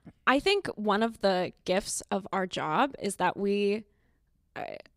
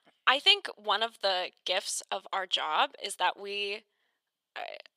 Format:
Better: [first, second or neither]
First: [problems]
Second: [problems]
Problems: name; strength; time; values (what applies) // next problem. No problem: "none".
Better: first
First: none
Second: thin; very; fading below 750 Hz